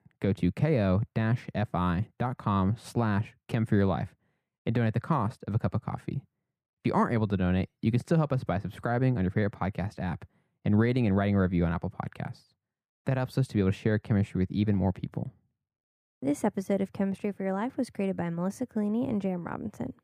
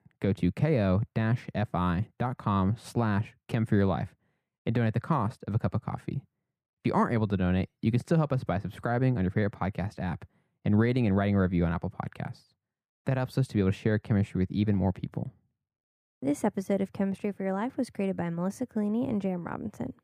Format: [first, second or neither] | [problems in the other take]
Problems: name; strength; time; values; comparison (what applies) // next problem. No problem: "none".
neither | muffled; slightly; fading above 3 kHz; the same in both